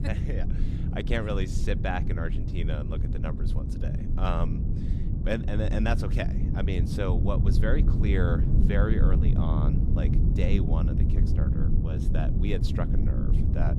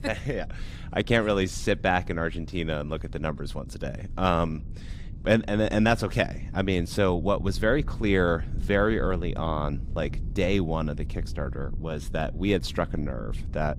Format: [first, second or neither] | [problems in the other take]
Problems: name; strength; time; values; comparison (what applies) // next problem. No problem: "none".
second | low rumble; loud; throughout; 4 dB below the speech; faint in the second